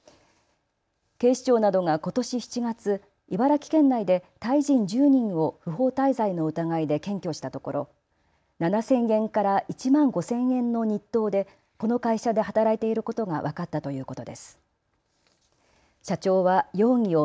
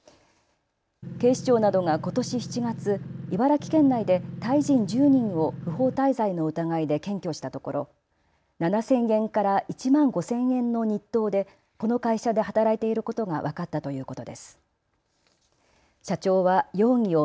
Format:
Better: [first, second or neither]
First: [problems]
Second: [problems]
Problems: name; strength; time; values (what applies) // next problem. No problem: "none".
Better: first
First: none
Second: background sound (Engine); 11 dB below the speech